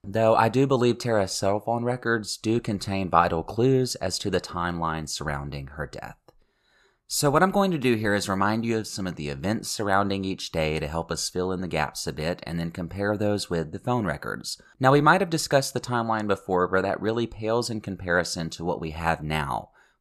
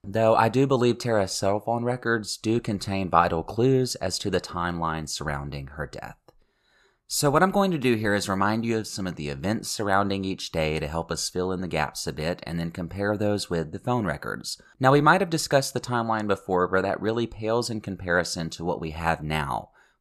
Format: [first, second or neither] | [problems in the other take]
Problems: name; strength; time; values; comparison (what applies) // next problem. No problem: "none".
neither | none